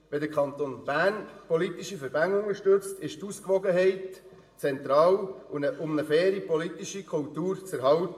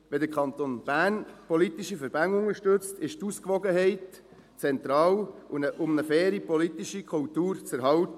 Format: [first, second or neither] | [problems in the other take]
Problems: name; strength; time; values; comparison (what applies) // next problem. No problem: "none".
second | room echo; dies away in 0.5 s